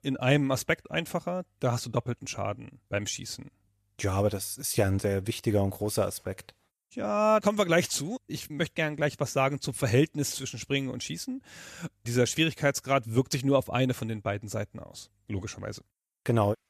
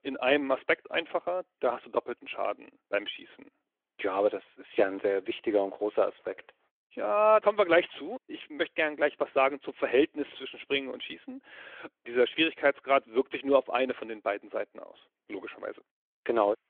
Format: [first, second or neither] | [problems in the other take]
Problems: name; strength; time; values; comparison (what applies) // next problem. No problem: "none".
first | phone-call audio; nothing above 3.5 kHz